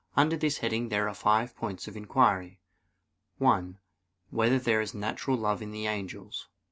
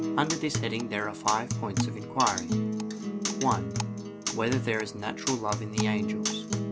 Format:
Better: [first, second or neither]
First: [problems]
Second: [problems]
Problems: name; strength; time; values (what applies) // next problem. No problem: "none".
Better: first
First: none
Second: background sound (Acoustic guitar); as loud as the speech